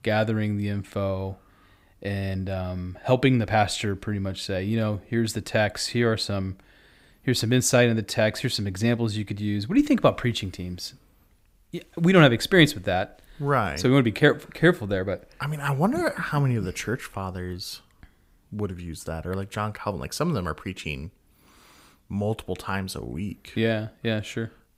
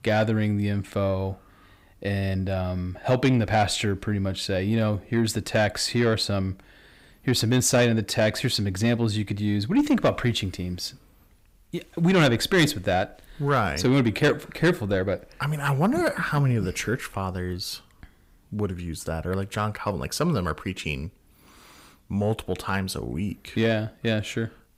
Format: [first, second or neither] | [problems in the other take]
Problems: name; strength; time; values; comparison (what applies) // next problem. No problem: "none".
first | distortion; slight; 10 dB below the speech